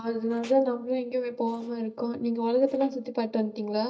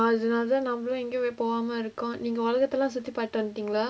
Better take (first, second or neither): second